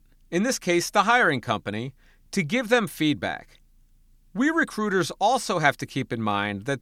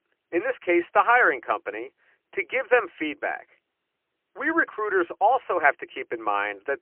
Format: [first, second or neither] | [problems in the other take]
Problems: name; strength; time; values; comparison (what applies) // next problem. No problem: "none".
first | phone-call audio; poor line